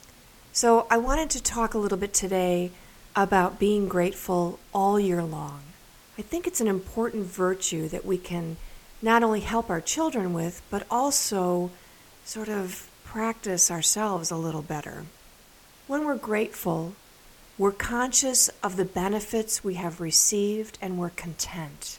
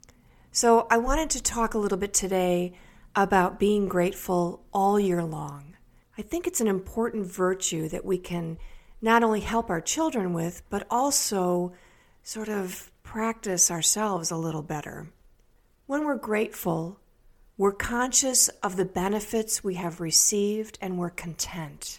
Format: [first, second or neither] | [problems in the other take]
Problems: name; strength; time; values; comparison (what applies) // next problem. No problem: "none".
second | hiss; faint; throughout; 25 dB below the speech